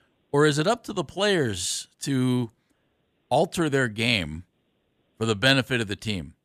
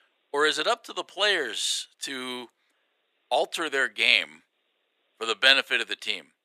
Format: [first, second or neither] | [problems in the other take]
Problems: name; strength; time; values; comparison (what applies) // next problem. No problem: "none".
first | thin; very; fading below 400 Hz